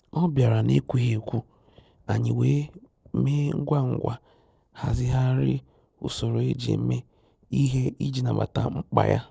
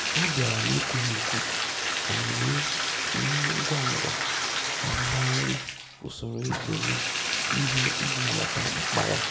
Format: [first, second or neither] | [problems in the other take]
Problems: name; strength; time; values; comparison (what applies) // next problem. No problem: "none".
first | background sound (Bathtub (filling or washing)); 3 dB above the speech // room echo; dies away in 0.6 s